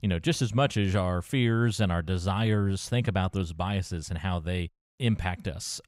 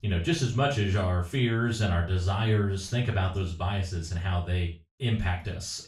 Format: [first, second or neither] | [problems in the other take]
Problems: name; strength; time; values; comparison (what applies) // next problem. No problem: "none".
first | room echo; slight; dies away in 0.3 s // off-mic speech; far